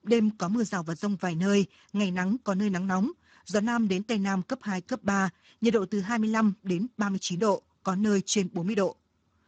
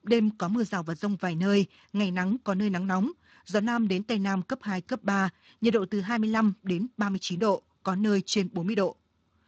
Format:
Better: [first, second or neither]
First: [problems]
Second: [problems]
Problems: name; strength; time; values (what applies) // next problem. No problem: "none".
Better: second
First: garbled, watery; badly; nothing above 7.5 kHz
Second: garbled, watery; slightly